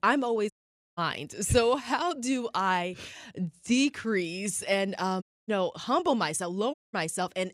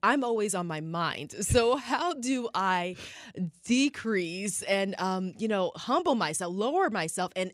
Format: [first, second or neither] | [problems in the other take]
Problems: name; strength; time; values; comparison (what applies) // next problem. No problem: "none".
second | audio cutting out; at 0.5 s, at 5 s and at 6.5 s